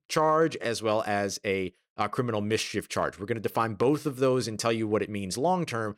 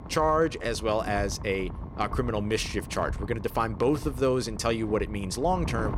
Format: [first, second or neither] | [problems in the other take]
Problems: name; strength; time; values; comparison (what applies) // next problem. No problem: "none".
first | wind noise on the microphone; occasional gusts; 15 dB below the speech